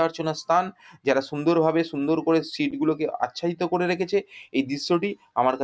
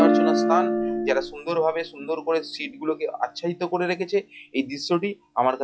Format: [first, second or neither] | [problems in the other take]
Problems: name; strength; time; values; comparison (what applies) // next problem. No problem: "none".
first | noise reduction (classical method log-MMSE)